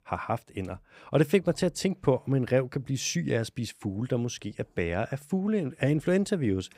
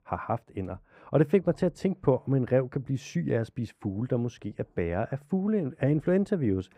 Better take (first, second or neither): first